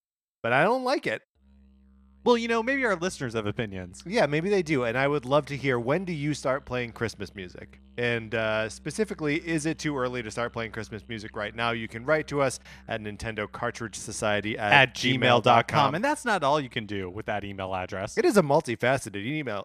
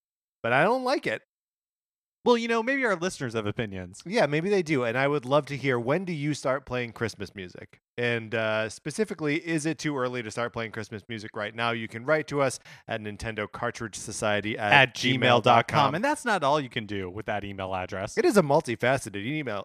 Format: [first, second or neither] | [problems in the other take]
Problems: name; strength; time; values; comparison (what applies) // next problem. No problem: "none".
second | background music; faint; throughout; 30 dB below the speech